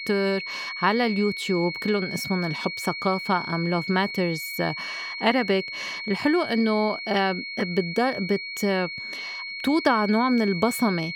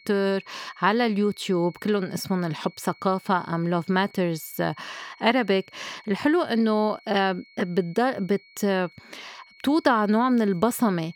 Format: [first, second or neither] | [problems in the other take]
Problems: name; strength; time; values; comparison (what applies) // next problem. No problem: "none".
second | high-pitched whine; loud; throughout; 2 kHz, 7 dB below the speech; faint in the second